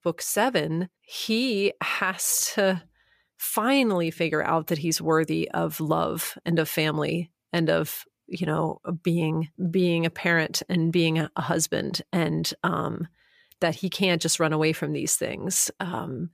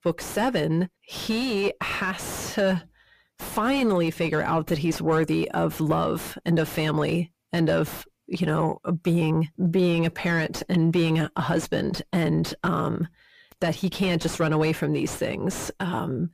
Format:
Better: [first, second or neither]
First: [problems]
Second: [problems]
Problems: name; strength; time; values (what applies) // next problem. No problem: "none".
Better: first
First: none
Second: distortion; heavy; 6 dB below the speech